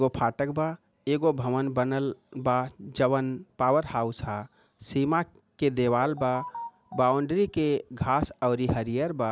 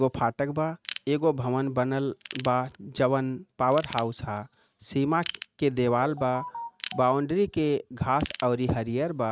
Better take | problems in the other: first | noise reduction (neural mask model RNNoise)

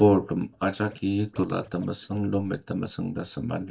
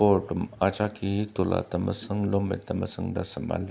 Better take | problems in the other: second | noise reduction (neural mask model DeepFilterNet 3)

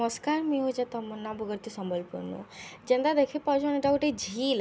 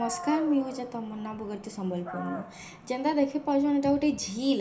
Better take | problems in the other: first | background sound (Dog); 15 dB below the speech // room echo; dies away in 0.4 s

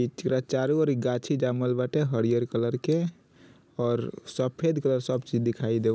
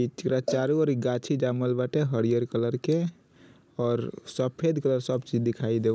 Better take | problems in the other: first | noise reduction (neural mask model Resemble Enhance denoiser)

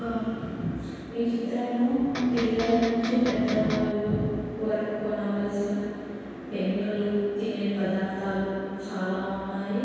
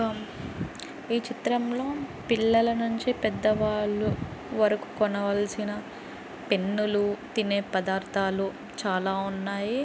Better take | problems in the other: second | background sound (Electric guitar); 2 dB below the speech // room echo; dies away in 2 s

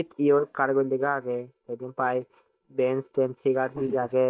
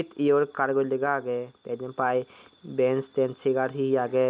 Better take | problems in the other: second | noise reduction (neural mask model DeepFilterNet 3)

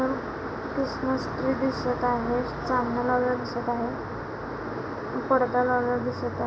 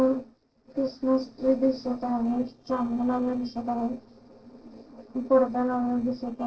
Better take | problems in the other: first | noise reduction (neural separator model SepFormer DNS4)

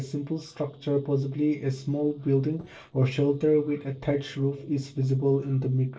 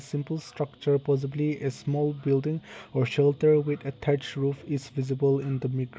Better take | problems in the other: second | noise reduction (neural separator model SepFormer DNS4)

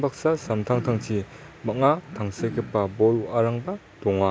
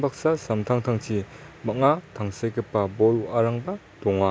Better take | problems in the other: second | background sound (Cough); 15 dB below the speech

